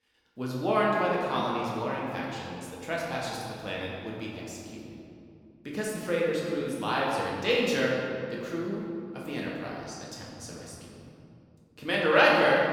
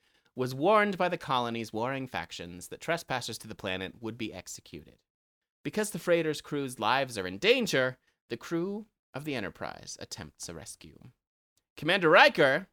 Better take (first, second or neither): second